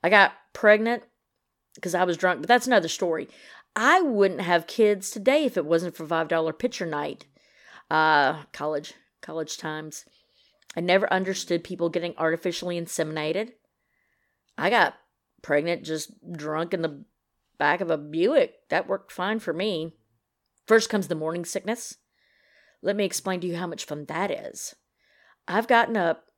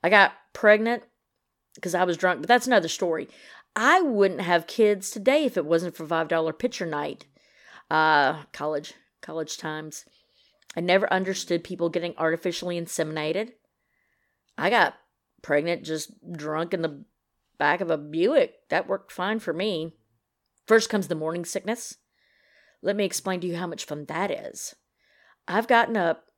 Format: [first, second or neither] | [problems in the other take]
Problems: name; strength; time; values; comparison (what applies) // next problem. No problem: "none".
neither | none